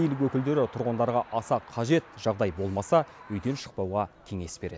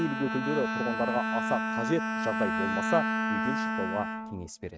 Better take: first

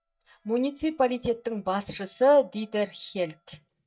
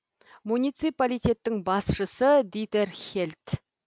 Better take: second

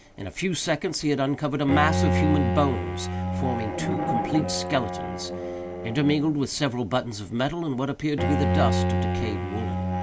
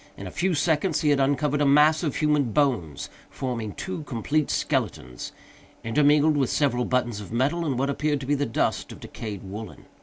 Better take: second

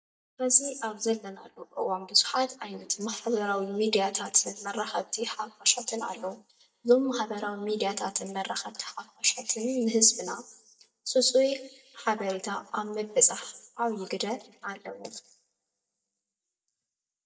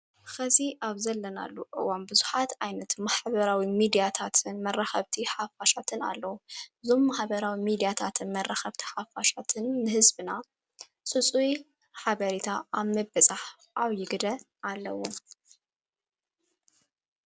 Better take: second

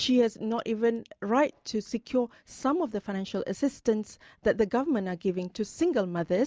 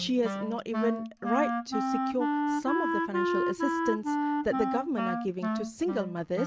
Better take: first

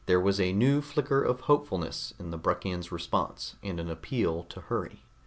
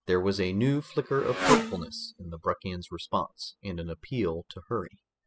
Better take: first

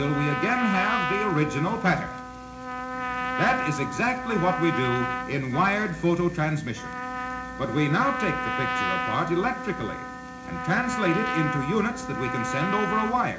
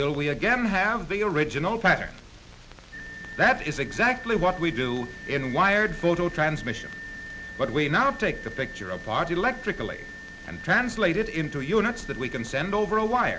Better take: second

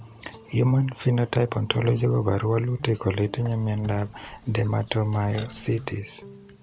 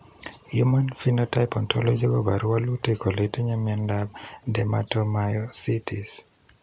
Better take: second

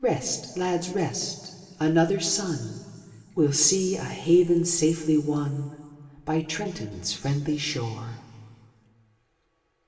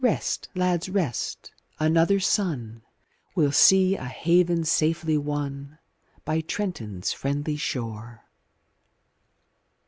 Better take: second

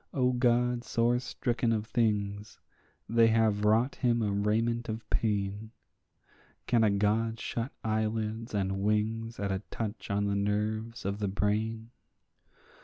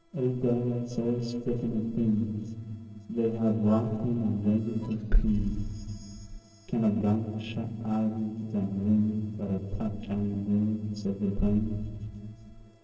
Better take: first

